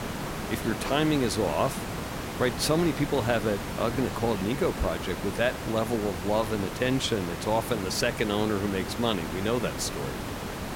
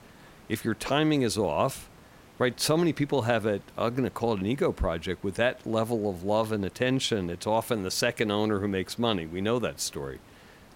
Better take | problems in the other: second | hiss; loud; throughout; 6 dB below the speech; faint in the second

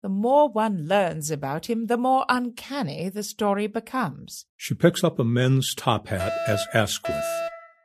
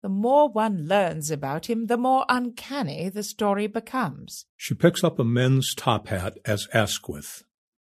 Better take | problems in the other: second | alarm; noticeable; from 6 s on; peak 3 dB below the speech

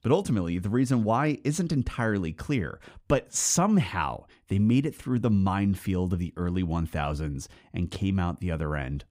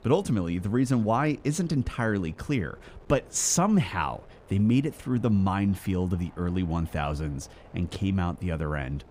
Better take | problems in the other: first | wind noise on the microphone; occasional gusts; 25 dB below the speech

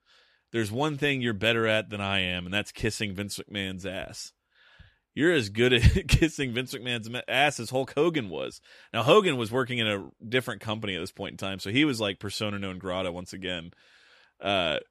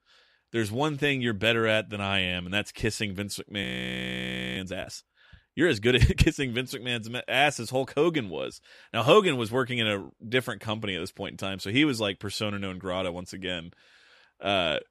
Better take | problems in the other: first | audio freezing; at 3.5 s for 1 s

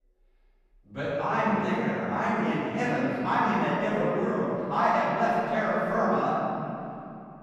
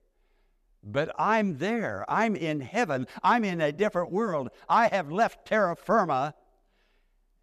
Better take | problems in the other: second | off-mic speech; far // room echo; strong; dies away in 3 s

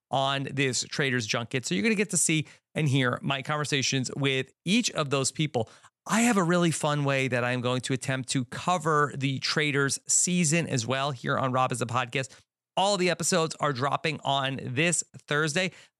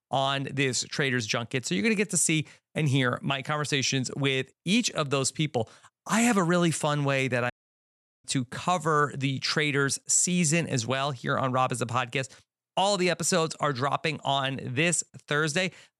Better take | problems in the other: first | audio cutting out; at 7.5 s for 0.5 s

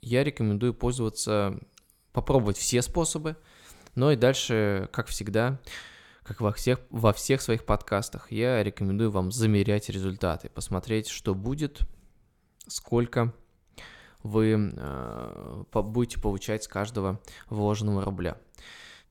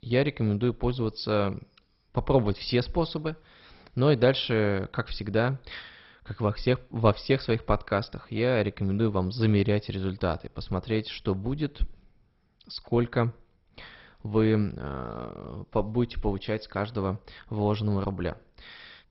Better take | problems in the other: first | garbled, watery; badly; nothing above 5.5 kHz

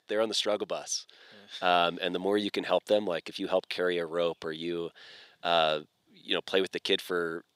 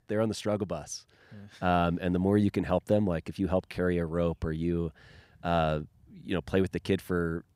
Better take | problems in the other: second | thin; somewhat; fading below 450 Hz

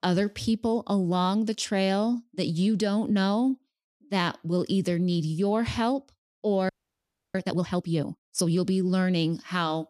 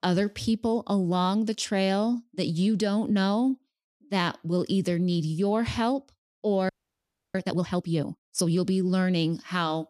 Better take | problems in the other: neither | audio freezing; at 6.5 s for 0.5 s; the same in both

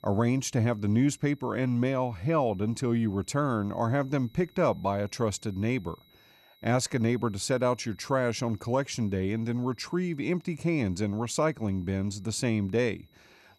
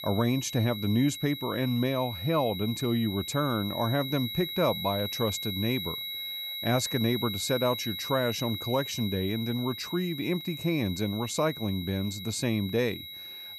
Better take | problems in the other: first | high-pitched whine; loud; throughout; 4 kHz, 6 dB below the speech; faint in the first

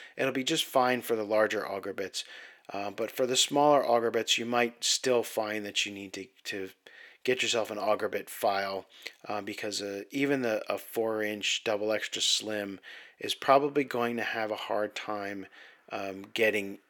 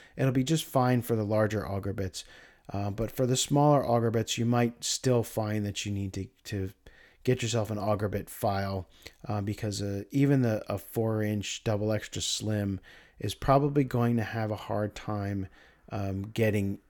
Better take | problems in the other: second | thin; somewhat; fading below 400 Hz

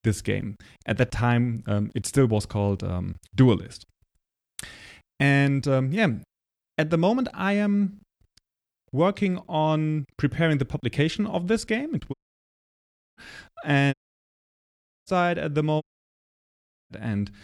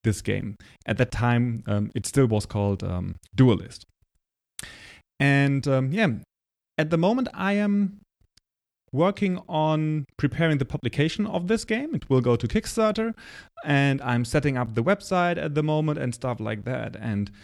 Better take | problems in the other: second | audio cutting out; at 12 s for 1 s, at 14 s for 1 s and at 16 s for 1 s

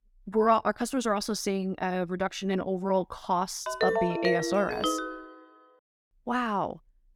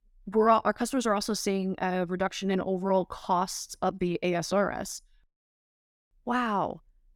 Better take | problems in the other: second | phone ringing; loud; from 3.5 to 5 s; peak 2 dB above the speech

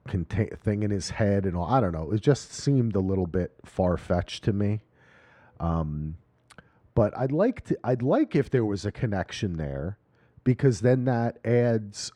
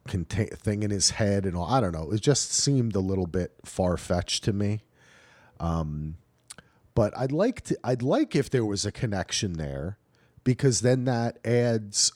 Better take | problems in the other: second | muffled; slightly; fading above 3.5 kHz

